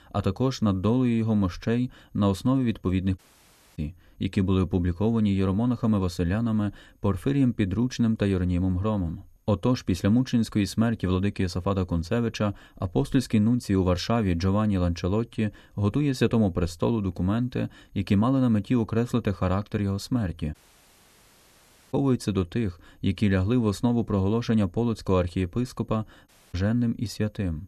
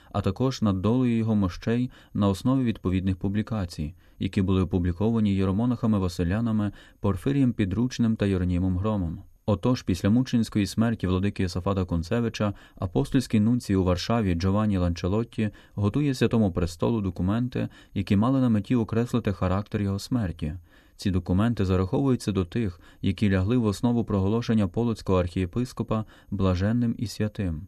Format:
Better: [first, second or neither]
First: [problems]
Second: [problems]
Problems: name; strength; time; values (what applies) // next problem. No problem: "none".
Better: second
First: audio cutting out; at 3 s for 0.5 s, at 21 s for 1.5 s and at 26 s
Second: none